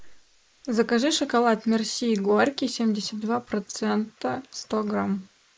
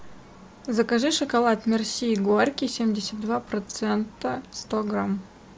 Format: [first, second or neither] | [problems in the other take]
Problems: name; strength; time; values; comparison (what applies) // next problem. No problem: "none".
second | noise reduction (neural mask model Resemble Enhance denoiser)